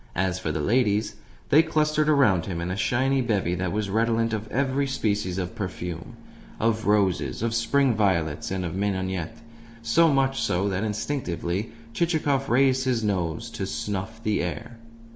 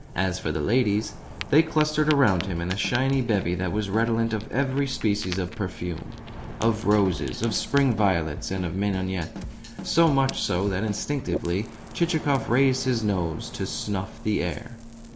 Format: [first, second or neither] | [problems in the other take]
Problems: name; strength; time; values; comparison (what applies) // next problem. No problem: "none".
first | background sound (Ocean + Drum kit); 13 dB below the speech